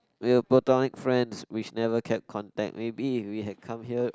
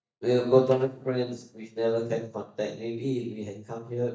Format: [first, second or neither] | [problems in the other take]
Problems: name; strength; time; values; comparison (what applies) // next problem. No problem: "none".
first | noise reduction (neural mask model DeepFilterNet 3)